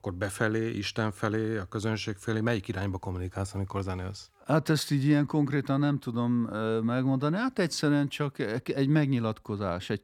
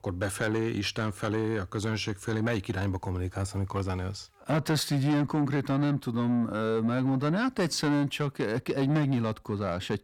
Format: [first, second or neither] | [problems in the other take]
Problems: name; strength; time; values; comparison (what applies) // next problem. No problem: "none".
first | distortion; slight; 10 dB below the speech